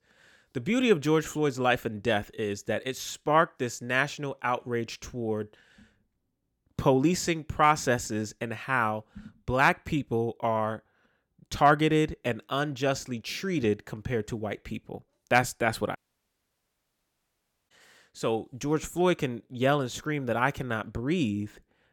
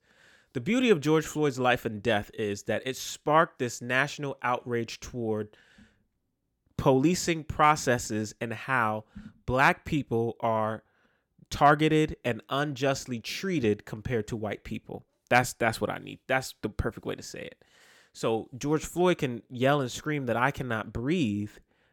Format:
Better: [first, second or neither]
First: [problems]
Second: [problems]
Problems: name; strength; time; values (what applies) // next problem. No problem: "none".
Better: second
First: audio cutting out; at 16 s for 1.5 s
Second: none